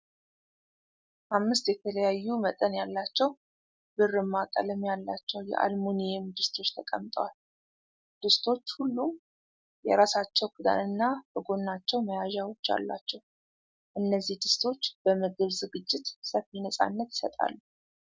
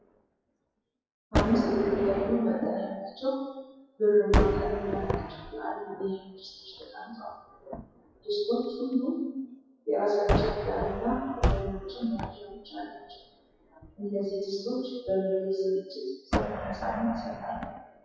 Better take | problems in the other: first | noise reduction (classical method WPE with log-MMSE)

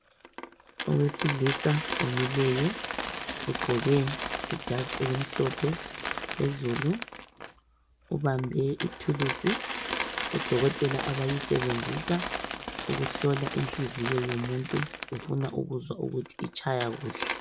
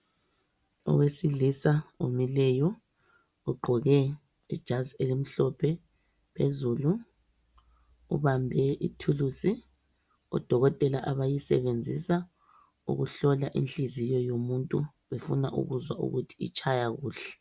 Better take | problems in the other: second | background sound (Coin (dropping)); 6 dB below the speech

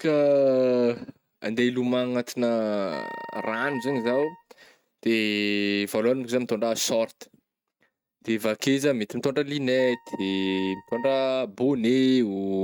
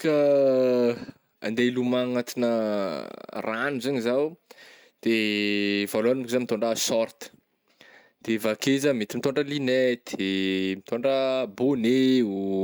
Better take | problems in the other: second | noise reduction (neural mask model RNNoise)

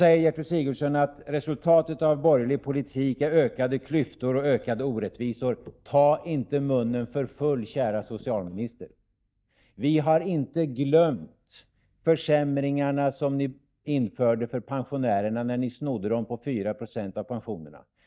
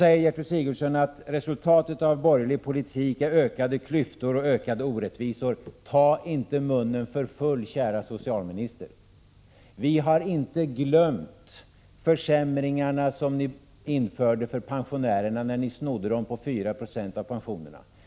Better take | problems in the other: second | noise reduction (neural mask model DeepFilterNet 3)

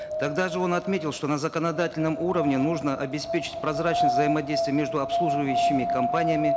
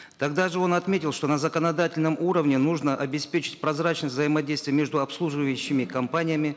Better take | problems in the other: second | background sound (Wind); 1 dB below the speech

